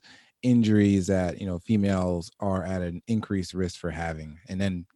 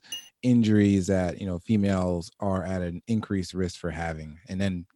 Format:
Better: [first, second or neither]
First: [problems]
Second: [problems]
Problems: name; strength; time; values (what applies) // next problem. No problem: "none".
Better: first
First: none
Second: clattering dishes; faint; at the start; peak 10 dB below the speech